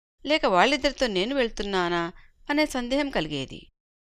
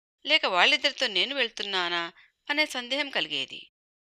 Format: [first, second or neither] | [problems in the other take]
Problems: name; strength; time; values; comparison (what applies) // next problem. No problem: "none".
first | thin; very slightly; fading below 650 Hz